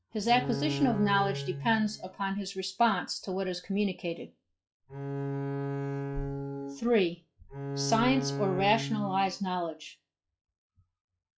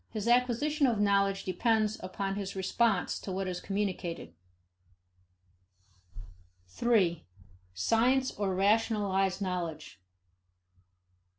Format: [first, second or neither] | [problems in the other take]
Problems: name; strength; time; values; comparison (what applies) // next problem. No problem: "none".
second | noise reduction (classical method log-MMSE)